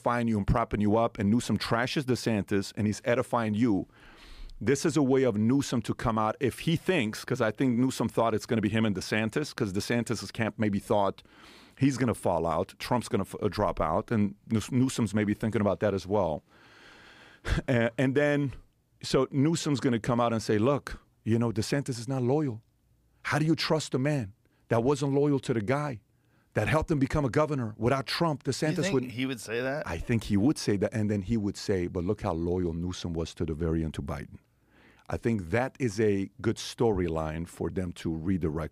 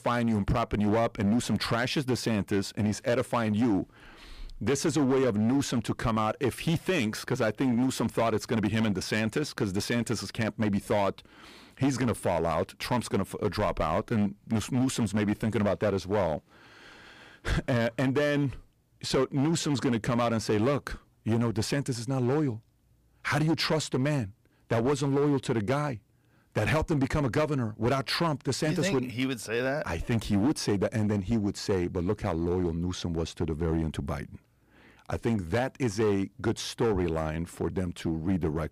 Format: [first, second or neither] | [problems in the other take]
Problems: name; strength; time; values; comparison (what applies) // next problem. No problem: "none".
first | distortion; slight; 9% of the sound clipped